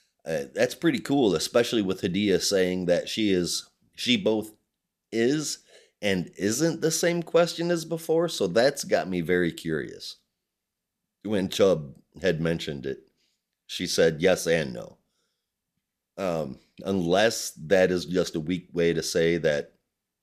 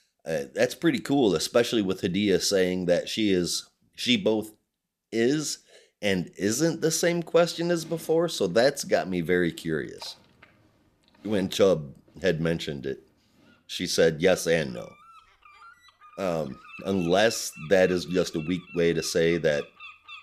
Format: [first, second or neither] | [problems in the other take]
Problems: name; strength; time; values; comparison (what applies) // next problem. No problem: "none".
first | animal sounds; faint; from 7 s on; 25 dB below the speech